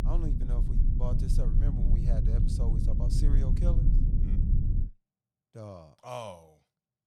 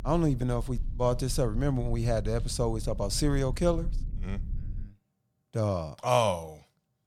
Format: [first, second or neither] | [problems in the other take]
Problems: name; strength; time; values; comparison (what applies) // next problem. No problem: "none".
second | low rumble; loud; until 5 s; as loud as the speech; faint in the second